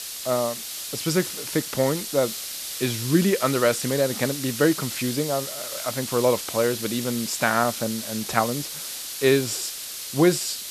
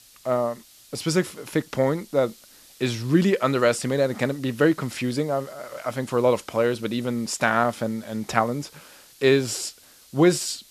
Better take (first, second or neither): second